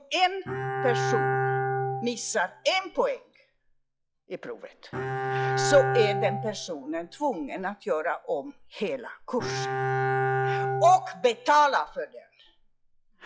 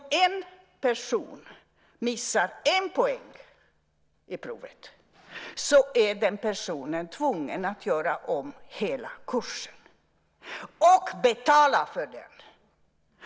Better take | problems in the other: second | noise reduction (classical method log-MMSE)

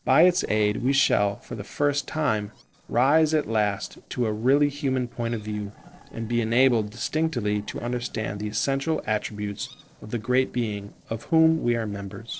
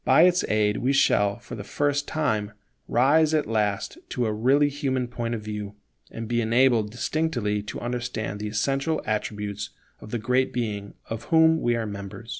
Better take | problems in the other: second | noise reduction (neural separator model SepFormer DNS4)

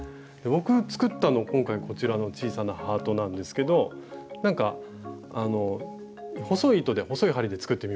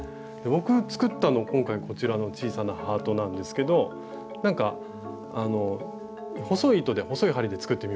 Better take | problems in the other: first | background sound (Brass instrument); 15 dB below the speech

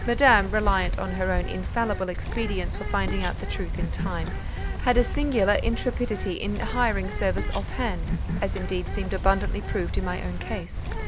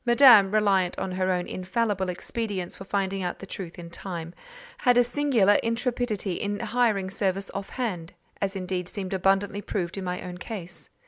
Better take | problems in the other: second | background sound (Bird); as loud as the speech

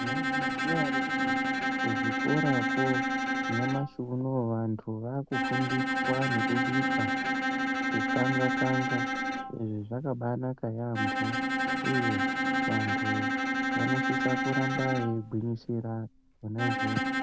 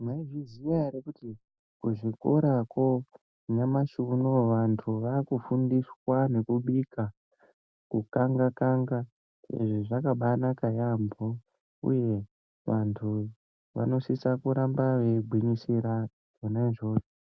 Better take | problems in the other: second | background sound (Bowed string instrument); 3 dB above the speech

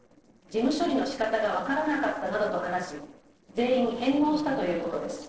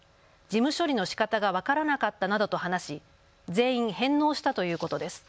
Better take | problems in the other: second | noise reduction (neural separator model SepFormer DNS4)

